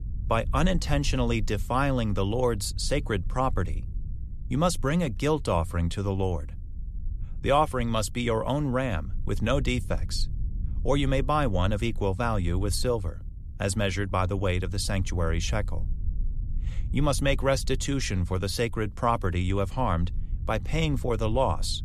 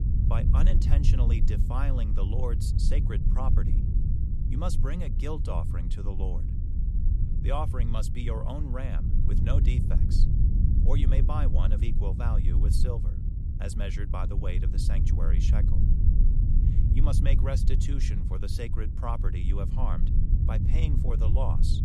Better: first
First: low rumble; faint; throughout; 25 dB below the speech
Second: low rumble; loud; throughout; 4 dB below the speech

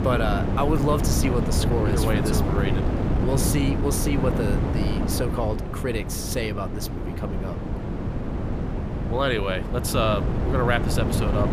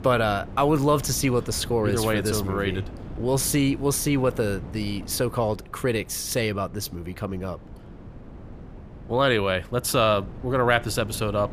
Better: second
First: wind noise on the microphone; heavy; 5 dB below the speech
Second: wind noise on the microphone; occasional gusts; 20 dB below the speech

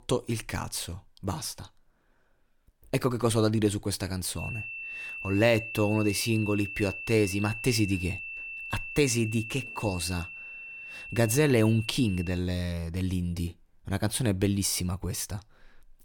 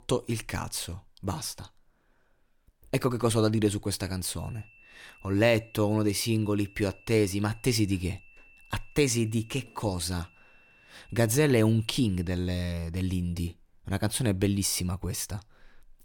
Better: second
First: high-pitched whine; loud; from 4.5 to 12 s; 2.5 kHz, 9 dB below the speech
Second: high-pitched whine; faint; from 4.5 to 12 s; 2.5 kHz, 25 dB below the speech

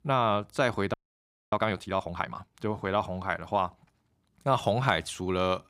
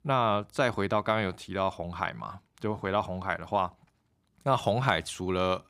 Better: second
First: audio freezing; at 1 s for 0.5 s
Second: none

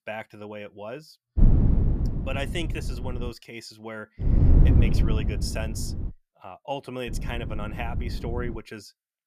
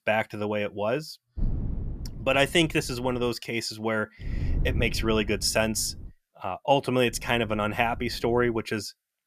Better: second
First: wind noise on the microphone; heavy; from 1.5 to 3.5 s, from 4 to 6 s and from 7 to 8.5 s; 2 dB below the speech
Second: wind noise on the microphone; occasional gusts; from 1.5 to 3.5 s, from 4 to 6 s and from 7 to 8.5 s; 20 dB below the speech

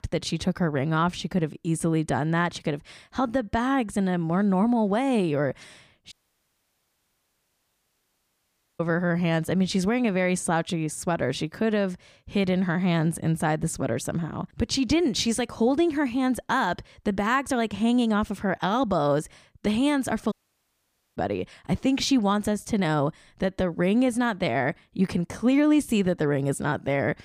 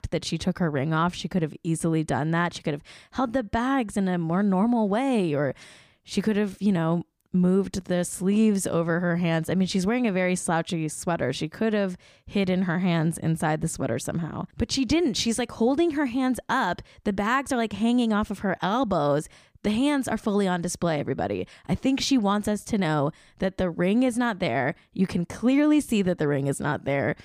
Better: second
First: audio cutting out; at 6 s for 2.5 s and at 20 s for 1 s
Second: none

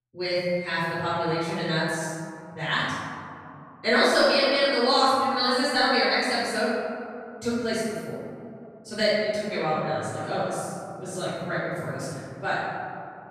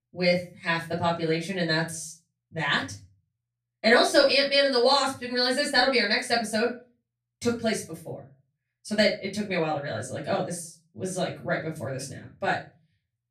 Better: second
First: room echo; strong; dies away in 2.5 s // off-mic speech; far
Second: room echo; slight; dies away in 0.3 s // off-mic speech; far

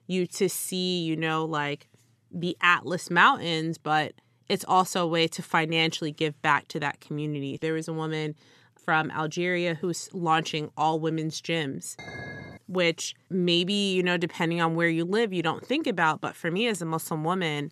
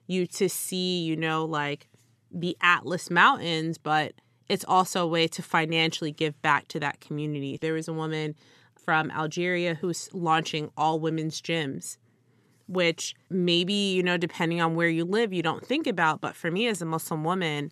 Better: second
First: clattering dishes; faint; at 12 s; peak 10 dB below the speech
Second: none

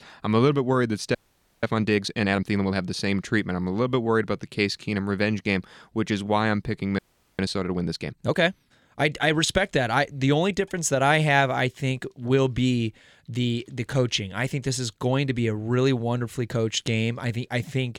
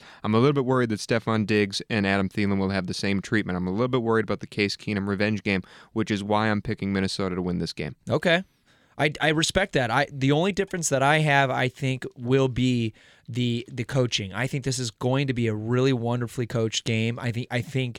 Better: second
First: audio freezing; at 1 s and at 7 s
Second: none

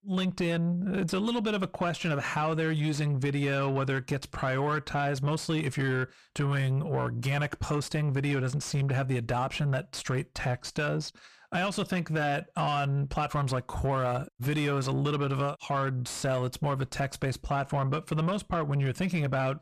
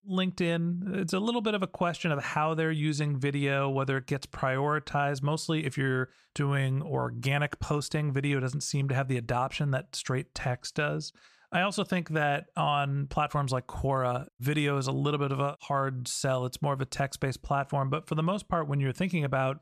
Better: second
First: distortion; slight; 10 dB below the speech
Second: none

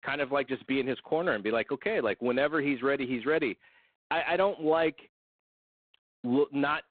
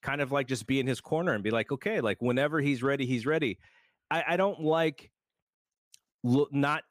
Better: second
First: phone-call audio; poor line; nothing above 4 kHz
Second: none

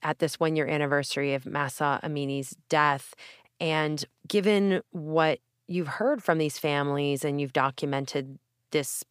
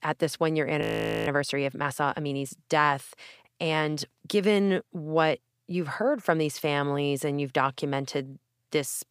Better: first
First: none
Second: audio freezing; at 1 s

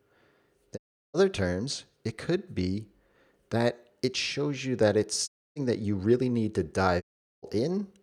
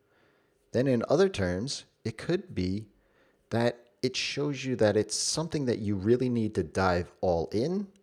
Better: second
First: audio cutting out; at 1 s, at 5.5 s and at 7 s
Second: none

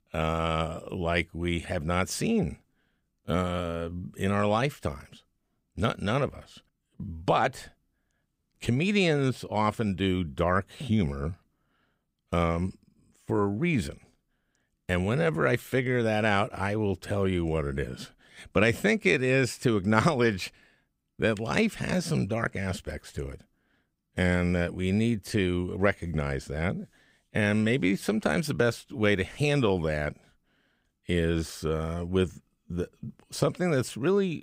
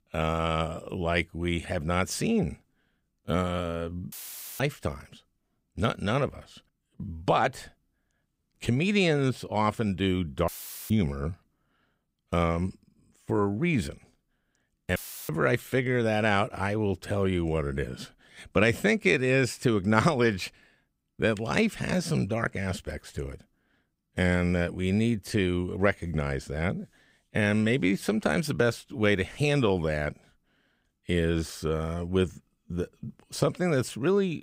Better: first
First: none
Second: audio cutting out; filled with static; at 4 s, at 10 s and at 15 s

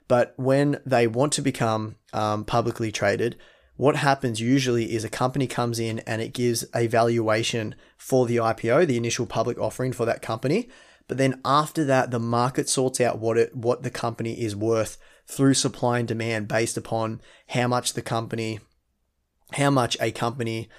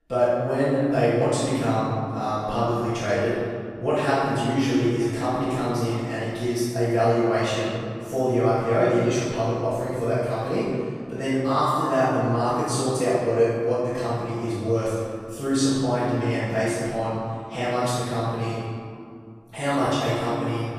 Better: first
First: none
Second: off-mic speech; far // room echo; strong; dies away in 2.2 s

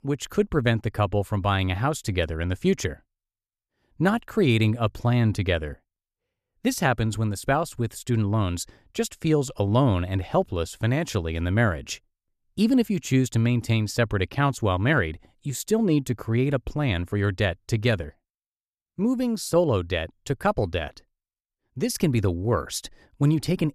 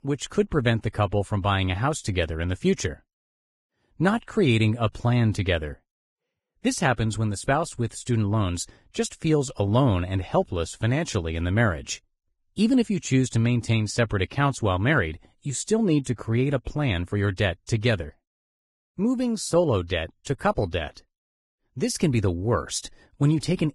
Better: first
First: none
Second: garbled, watery; badly; nothing above 10.5 kHz

